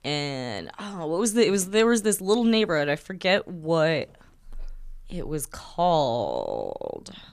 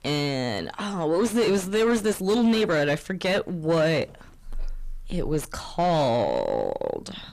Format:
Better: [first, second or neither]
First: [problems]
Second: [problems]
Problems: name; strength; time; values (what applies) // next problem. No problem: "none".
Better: first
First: none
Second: distortion; heavy; 7 dB below the speech